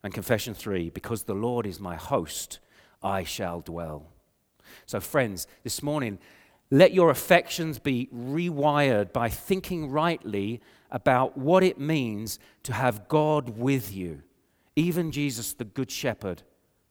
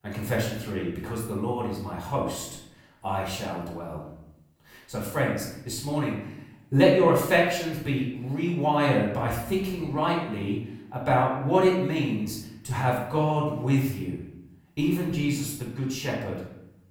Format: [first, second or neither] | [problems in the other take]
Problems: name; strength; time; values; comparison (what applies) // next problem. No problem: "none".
first | off-mic speech; far // room echo; noticeable; dies away in 0.7 s